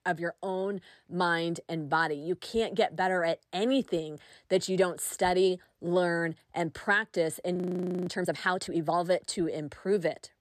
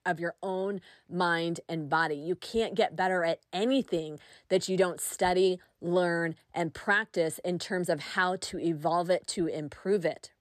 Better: second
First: audio freezing; at 7.5 s for 0.5 s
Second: none

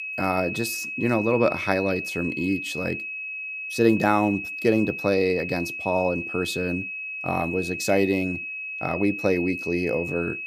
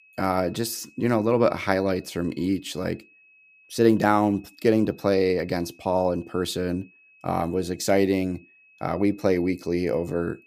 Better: second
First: high-pitched whine; loud; throughout; 2.5 kHz, 5 dB below the speech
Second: high-pitched whine; faint; throughout; 2.5 kHz, 30 dB below the speech

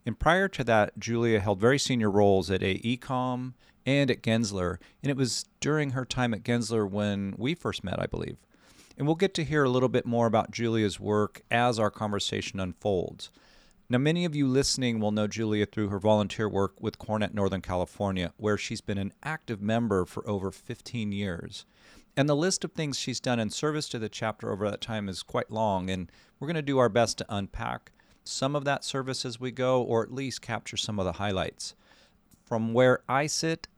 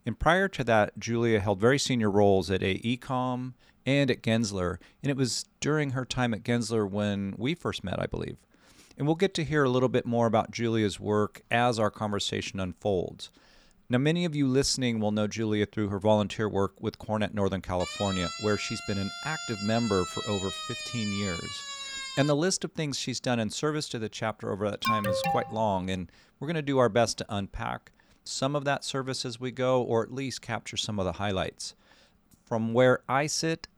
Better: first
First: none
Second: siren; noticeable; from 18 to 22 s; peak 6 dB below the speech // alarm; loud; at 25 s; peak 1 dB above the speech

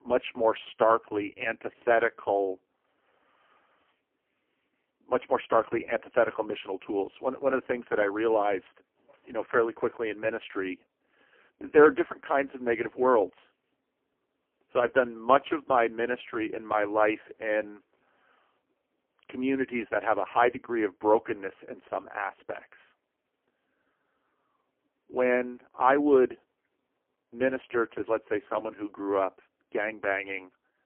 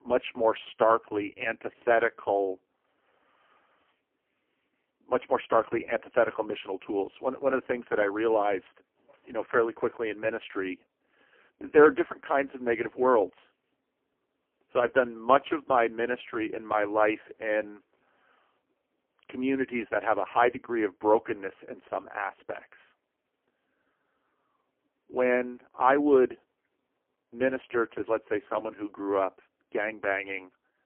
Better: neither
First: phone-call audio; poor line; nothing above 3 kHz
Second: phone-call audio; poor line; nothing above 3 kHz

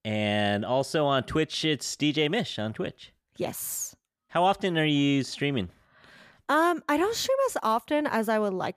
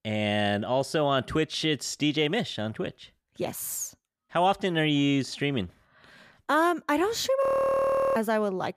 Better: first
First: none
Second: audio freezing; at 7.5 s for 0.5 s

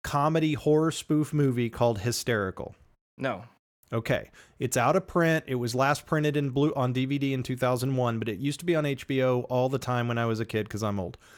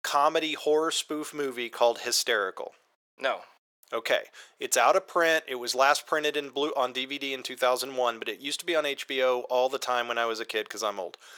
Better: first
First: none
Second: thin; very; fading below 500 Hz

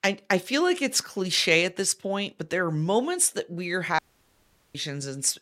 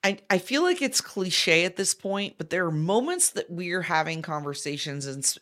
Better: second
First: audio cutting out; at 4 s for 1 s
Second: none

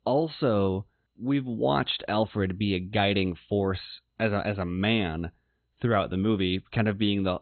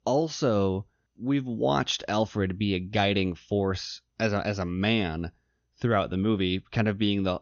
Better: second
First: garbled, watery; badly; nothing above 4 kHz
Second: garbled, watery; slightly; nothing above 6.5 kHz

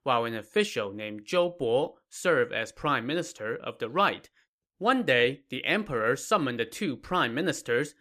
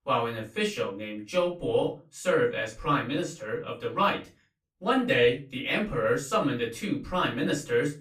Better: first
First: none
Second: off-mic speech; far // room echo; slight; dies away in 0.3 s

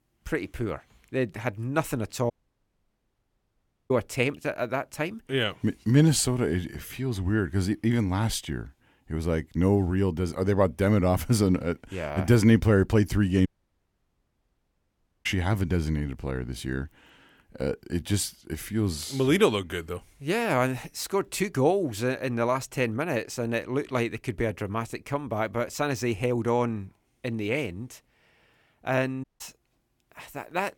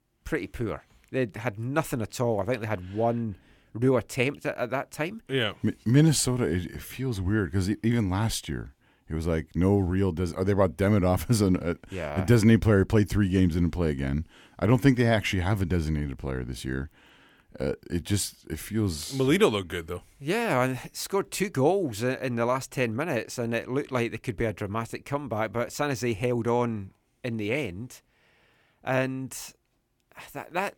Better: second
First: audio cutting out; at 2.5 s for 1.5 s, at 13 s for 2 s and at 29 s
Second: none

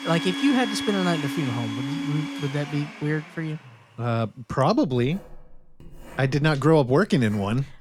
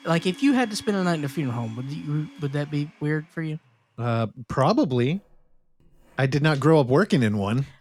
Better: second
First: household noises; loud; throughout; 7 dB below the speech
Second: household noises; faint; throughout; 20 dB below the speech

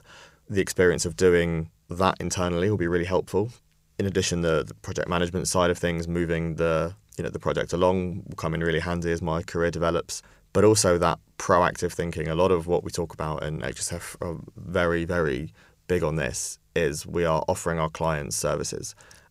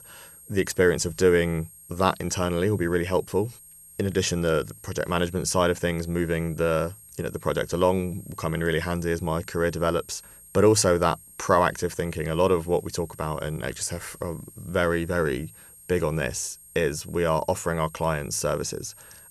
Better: first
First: none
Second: high-pitched whine; faint; throughout; 8.5 kHz, 20 dB below the speech

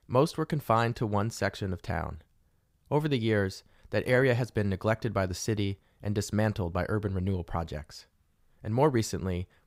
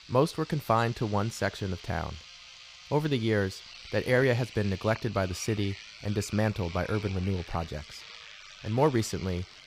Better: first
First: none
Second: household noises; noticeable; throughout; 15 dB below the speech

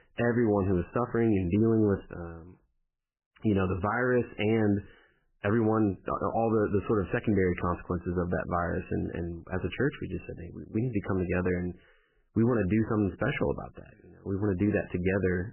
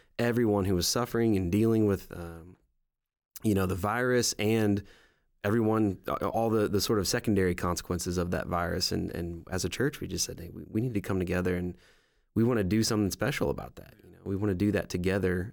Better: second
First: garbled, watery; badly; nothing above 3 kHz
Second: none

